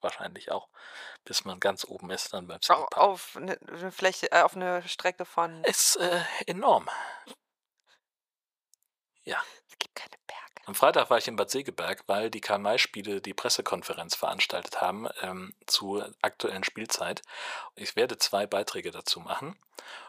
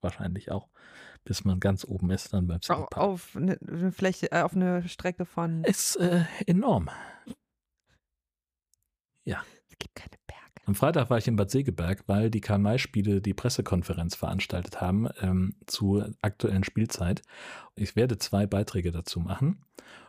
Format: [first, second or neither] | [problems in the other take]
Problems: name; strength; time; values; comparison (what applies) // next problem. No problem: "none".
second | thin; very; fading below 650 Hz